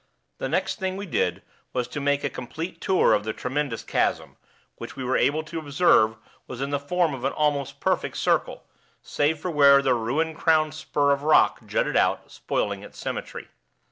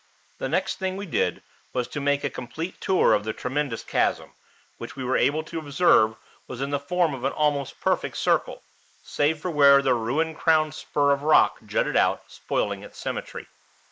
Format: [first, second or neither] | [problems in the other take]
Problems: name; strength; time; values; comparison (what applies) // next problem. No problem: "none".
first | noise reduction (neural mask model Resemble Enhance denoiser)